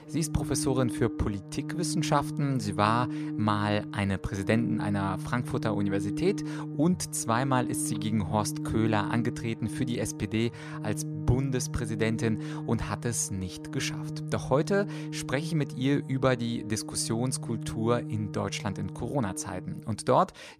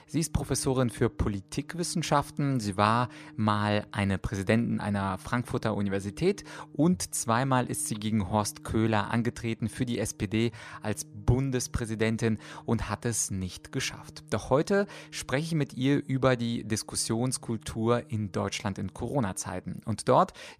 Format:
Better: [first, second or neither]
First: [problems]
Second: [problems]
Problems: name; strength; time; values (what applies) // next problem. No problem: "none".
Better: second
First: background music; loud; throughout; 7 dB below the speech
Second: background music; faint; throughout; 25 dB below the speech